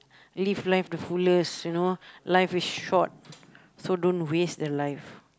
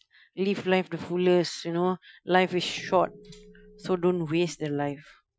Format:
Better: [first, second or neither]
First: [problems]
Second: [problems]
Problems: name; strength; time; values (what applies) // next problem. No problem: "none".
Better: first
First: none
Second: noise reduction (classical method Wiener filter)